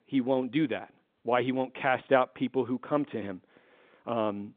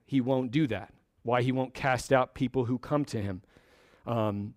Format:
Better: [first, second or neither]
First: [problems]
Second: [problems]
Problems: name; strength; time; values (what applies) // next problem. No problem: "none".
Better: second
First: phone-call audio; nothing above 3.5 kHz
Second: none